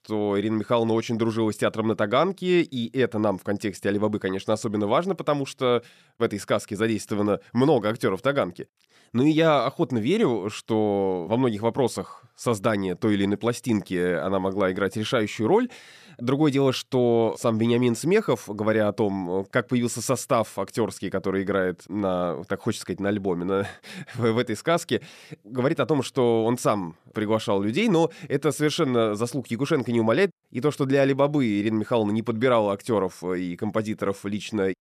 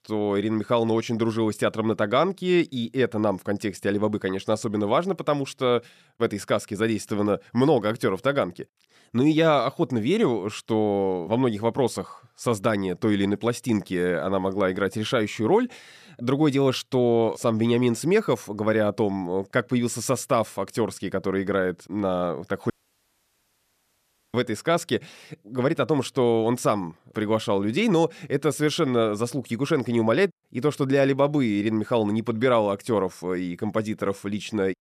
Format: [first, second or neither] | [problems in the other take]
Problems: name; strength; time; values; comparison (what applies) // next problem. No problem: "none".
first | audio cutting out; at 23 s for 1.5 s